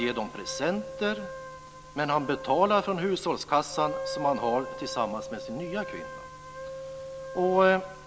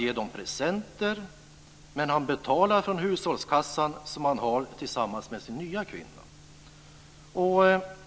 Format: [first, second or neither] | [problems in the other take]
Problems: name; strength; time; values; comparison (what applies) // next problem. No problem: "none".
second | background sound (Wind instrument, woodwind instrument); 11 dB below the speech